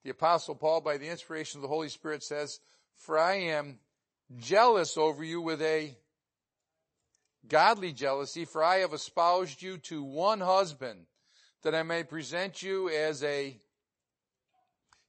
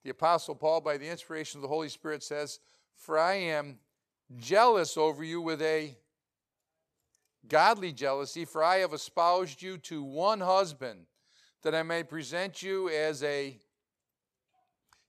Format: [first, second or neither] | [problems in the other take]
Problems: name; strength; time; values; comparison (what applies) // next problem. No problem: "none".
second | garbled, watery; slightly; nothing above 8 kHz